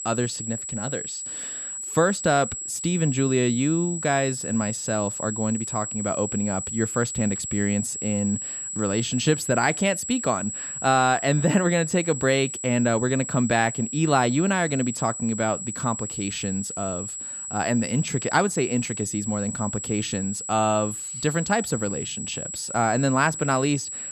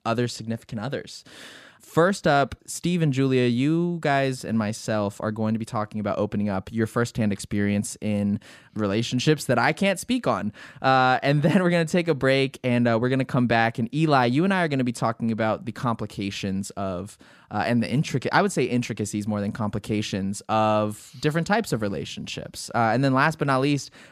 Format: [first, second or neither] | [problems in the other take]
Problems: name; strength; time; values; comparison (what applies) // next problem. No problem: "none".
second | high-pitched whine; loud; throughout; 7.5 kHz, 5 dB below the speech